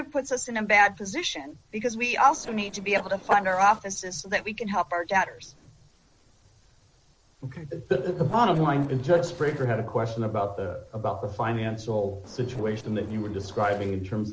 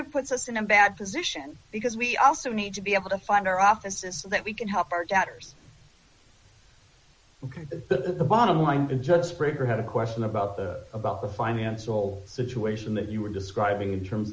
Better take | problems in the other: second | noise reduction (neural separator model SepFormer DNS4)

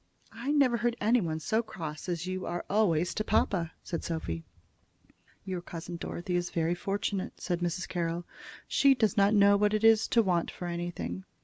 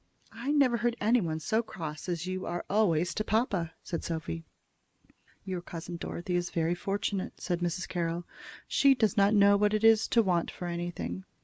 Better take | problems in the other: first | noise reduction (neural mask model Resemble Enhance denoiser)

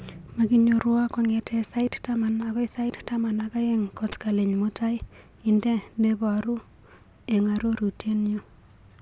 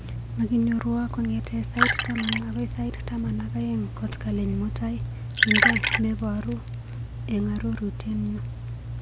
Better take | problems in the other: first | background sound (Liquid); as loud as the speech

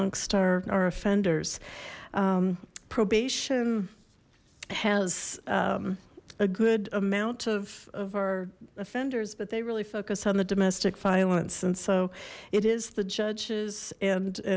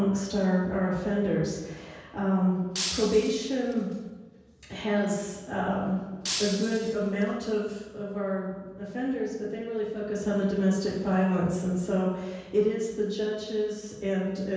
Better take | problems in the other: first | background sound (Shatter); 8 dB below the speech // room echo; dies away in 1.2 s

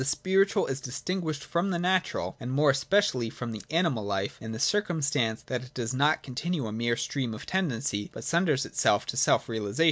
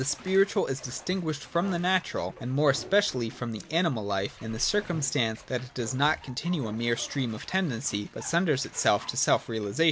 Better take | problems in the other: first | background sound (Bathtub (filling or washing)); 19 dB below the speech

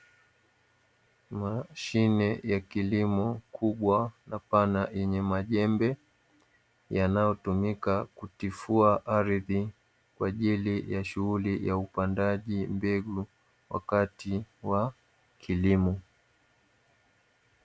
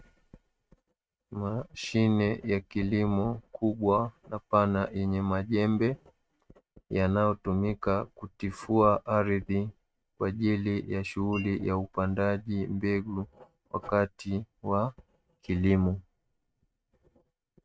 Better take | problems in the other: first | noise reduction (neural mask model RNNoise)

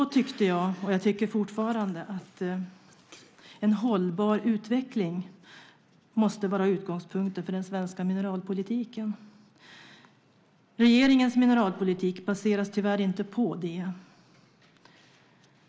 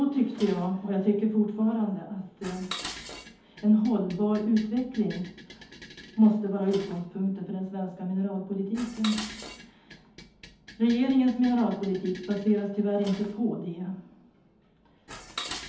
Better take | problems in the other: first | background sound (Dishes, pots, and pans); 17 dB below the speech // room echo; dies away in 0.6 s

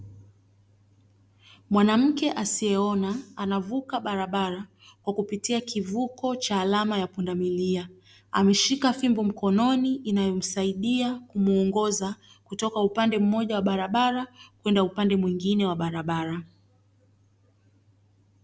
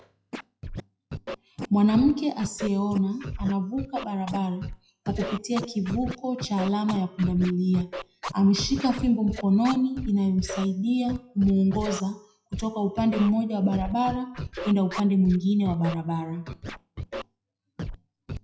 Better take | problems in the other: first | noise reduction (classical method WPE with log-MMSE)

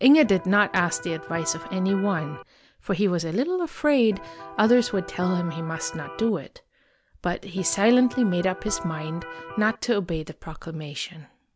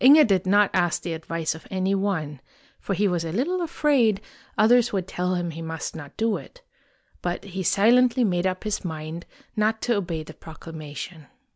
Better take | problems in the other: second | background sound (Electric guitar); 14 dB below the speech

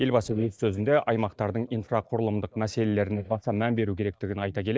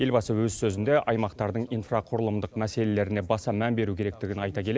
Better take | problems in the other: second | noise reduction (neural mask model DeepFilterNet 3)

